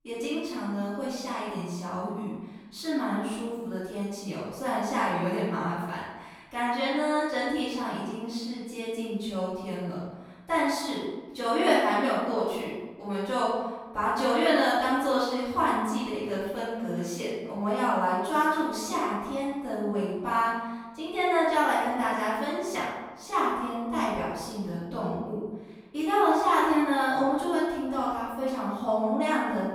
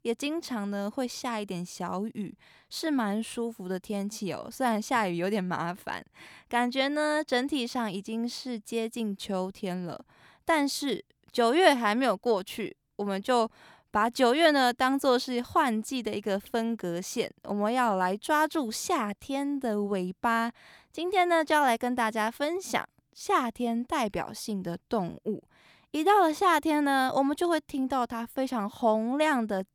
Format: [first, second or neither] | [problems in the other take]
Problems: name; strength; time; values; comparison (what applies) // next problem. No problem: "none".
second | room echo; strong; dies away in 1 s // off-mic speech; far